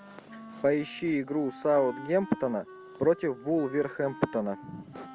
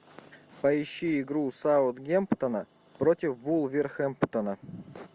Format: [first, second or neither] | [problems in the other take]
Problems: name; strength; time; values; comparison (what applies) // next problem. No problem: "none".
second | background sound (Wind instrument, woodwind instrument); 17 dB below the speech